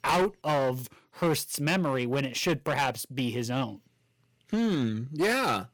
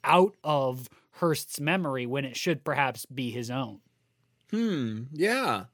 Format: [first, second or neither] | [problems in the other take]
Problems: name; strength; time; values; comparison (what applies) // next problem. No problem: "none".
second | distortion; heavy; 12% of the sound clipped